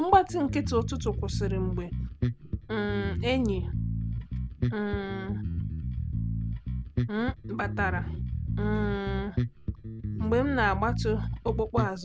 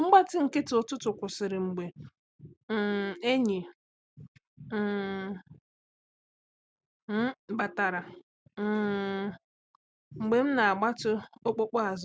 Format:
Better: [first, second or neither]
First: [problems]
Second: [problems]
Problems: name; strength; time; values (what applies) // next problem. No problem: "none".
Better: second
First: background sound (Bass guitar); 1 dB below the speech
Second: none